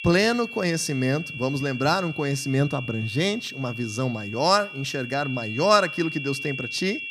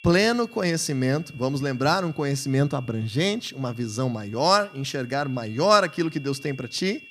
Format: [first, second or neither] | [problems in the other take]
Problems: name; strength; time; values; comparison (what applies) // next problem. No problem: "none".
second | high-pitched whine; loud; throughout; 3 kHz, 9 dB below the speech; faint in the second